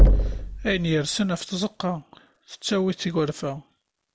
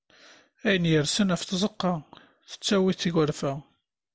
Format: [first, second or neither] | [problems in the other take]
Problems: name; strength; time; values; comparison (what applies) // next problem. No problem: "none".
second | background sound (Knock); 2 dB above the speech